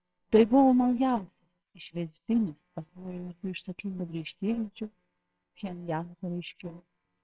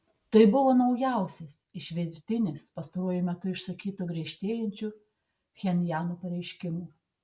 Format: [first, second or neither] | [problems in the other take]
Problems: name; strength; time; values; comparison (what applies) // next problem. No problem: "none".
second | noise reduction (neural separator model SepFormer WHAMR!)